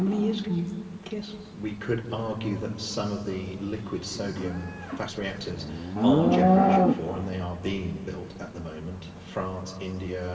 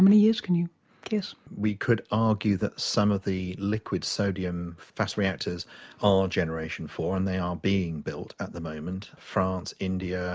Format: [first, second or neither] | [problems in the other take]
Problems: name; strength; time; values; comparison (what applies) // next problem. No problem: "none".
second | background sound (Livestock, farm animals, working animals); 2 dB above the speech // room echo; dies away in 2.8 s